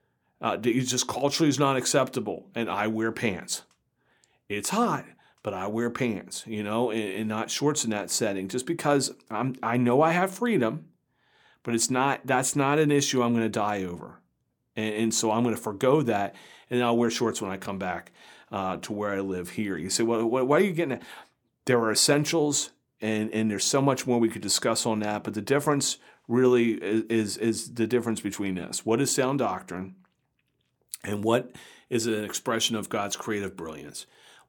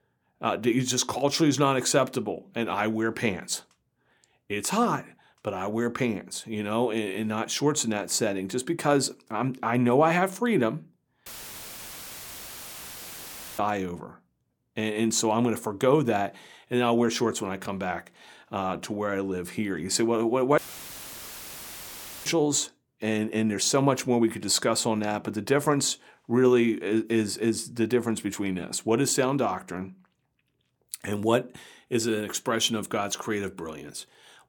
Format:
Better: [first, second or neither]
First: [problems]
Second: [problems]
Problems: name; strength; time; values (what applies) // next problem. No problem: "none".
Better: first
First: none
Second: audio cutting out; filled with static; at 11 s for 2.5 s and at 21 s for 1.5 s